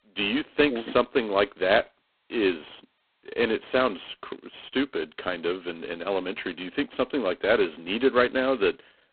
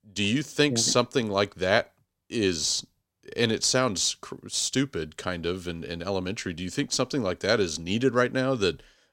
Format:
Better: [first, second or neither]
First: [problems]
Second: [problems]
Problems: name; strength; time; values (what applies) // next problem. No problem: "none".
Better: second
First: phone-call audio; poor line; nothing above 4 kHz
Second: none